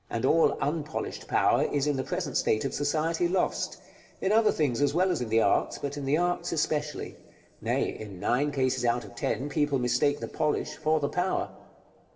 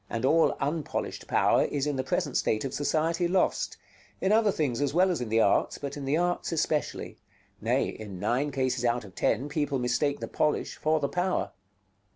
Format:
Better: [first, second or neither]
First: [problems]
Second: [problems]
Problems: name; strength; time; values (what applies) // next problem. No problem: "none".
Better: second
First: room echo; dies away in 1.7 s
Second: none